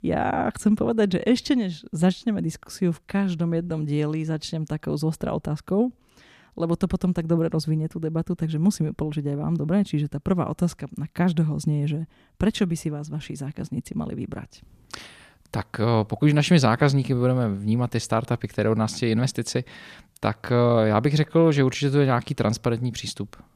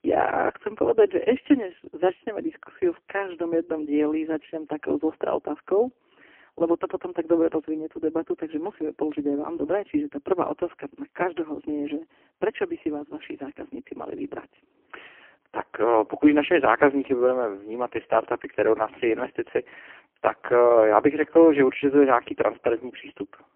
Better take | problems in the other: first | phone-call audio; poor line; nothing above 3 kHz

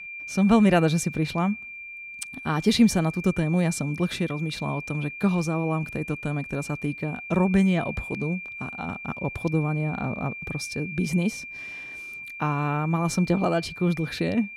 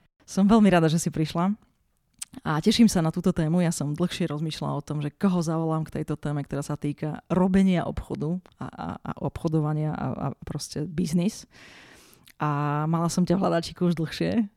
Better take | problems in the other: second | high-pitched whine; noticeable; throughout; 2.5 kHz, 10 dB below the speech

